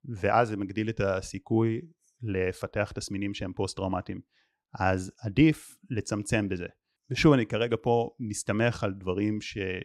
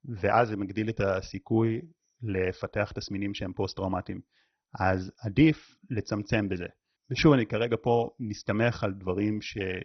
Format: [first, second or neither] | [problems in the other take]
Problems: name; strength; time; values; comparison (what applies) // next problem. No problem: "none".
first | garbled, watery; badly; nothing above 6 kHz